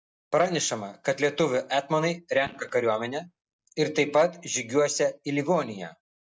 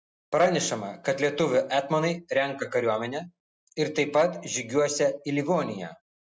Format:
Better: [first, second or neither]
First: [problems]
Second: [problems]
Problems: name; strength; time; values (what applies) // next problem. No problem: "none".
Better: second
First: noise reduction (neural mask model DeepFilterNet 3)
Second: none